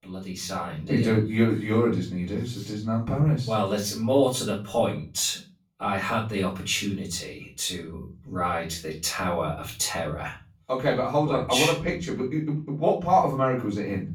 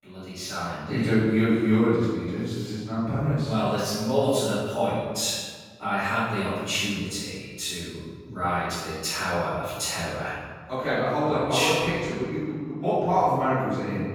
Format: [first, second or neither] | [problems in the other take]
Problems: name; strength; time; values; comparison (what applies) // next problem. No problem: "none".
first | room echo; strong; dies away in 1.4 s; slight in the first // off-mic speech; far; far in the first